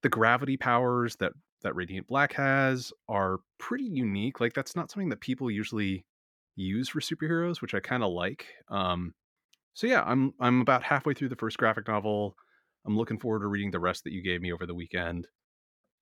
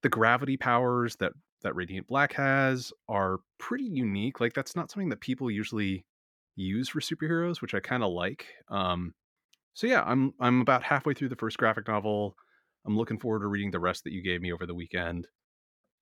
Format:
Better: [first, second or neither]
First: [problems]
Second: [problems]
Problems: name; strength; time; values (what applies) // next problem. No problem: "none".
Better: neither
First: none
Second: none